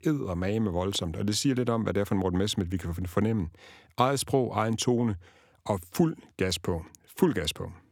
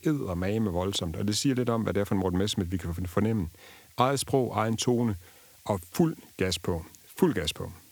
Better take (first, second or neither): first